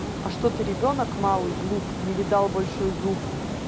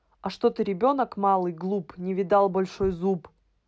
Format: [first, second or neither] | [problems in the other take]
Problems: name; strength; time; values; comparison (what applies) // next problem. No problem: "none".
second | background sound (Water); 3 dB below the speech